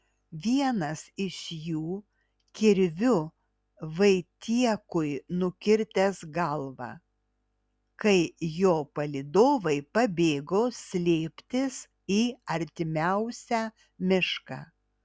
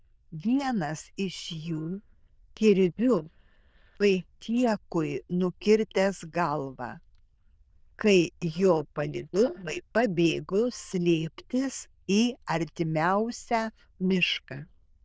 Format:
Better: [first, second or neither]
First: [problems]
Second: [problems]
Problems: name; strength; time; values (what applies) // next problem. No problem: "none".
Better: first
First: none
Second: noise reduction (neural diffusion model UNIVERSE++)